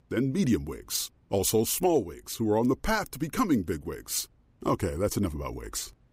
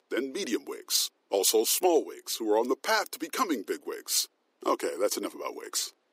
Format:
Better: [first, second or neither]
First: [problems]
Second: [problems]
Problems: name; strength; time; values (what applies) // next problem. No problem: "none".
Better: first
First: none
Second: thin; somewhat; fading below 350 Hz